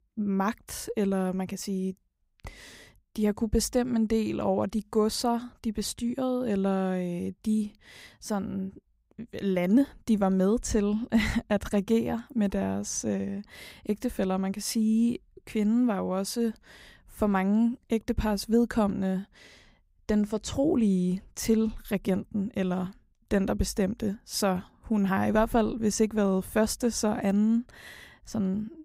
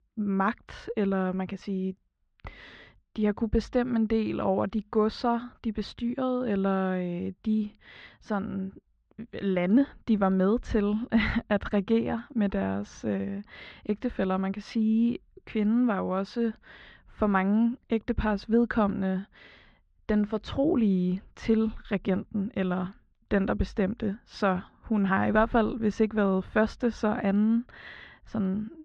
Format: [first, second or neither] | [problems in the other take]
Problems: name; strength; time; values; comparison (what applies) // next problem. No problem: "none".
first | muffled; slightly; fading above 3.5 kHz